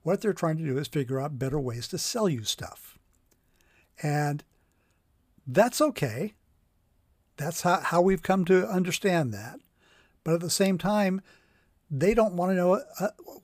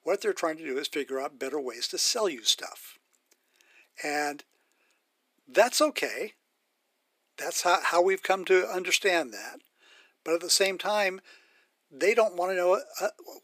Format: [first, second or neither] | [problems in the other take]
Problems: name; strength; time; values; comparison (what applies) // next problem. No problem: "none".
first | thin; very; fading below 300 Hz